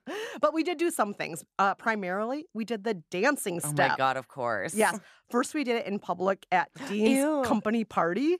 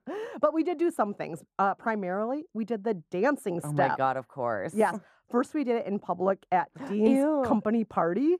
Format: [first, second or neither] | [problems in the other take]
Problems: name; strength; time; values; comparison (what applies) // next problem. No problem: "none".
first | muffled; slightly; fading above 1.5 kHz